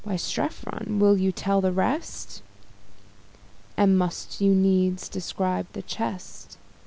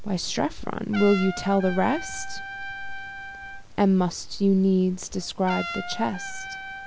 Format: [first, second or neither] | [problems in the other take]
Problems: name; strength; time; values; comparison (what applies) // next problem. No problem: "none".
first | background sound (Trumpet); 12 dB below the speech